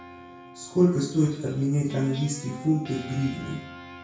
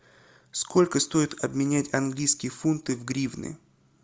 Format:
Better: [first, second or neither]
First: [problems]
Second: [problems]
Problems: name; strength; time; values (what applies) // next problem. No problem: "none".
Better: second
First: background sound (Guitar); 15 dB below the speech // room echo; dies away in 0.6 s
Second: none